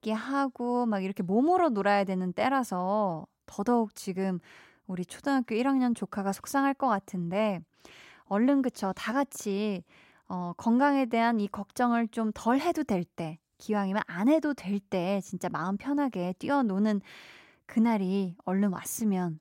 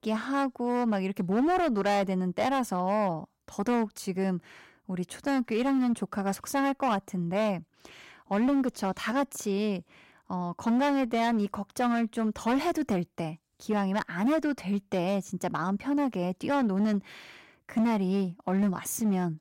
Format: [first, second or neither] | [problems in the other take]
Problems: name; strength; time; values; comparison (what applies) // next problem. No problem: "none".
first | distortion; slight; 9% of the sound clipped